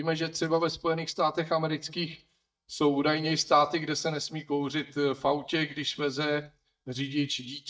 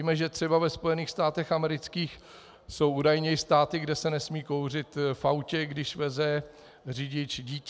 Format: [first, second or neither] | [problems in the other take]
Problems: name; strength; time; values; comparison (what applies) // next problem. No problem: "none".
second | noise reduction (neural mask model DeepFilterNet 3)